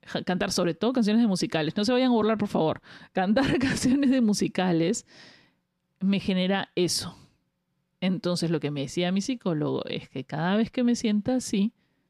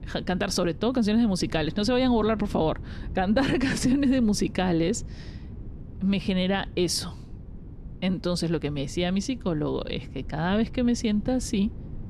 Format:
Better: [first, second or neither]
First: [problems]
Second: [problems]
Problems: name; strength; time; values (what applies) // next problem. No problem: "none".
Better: first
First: none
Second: wind noise on the microphone; occasional gusts; 20 dB below the speech